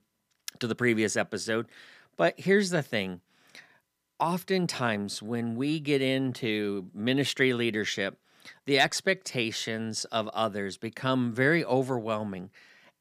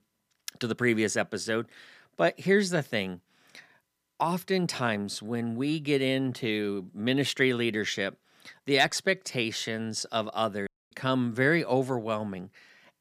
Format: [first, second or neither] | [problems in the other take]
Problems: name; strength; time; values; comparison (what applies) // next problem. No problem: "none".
first | audio cutting out; at 11 s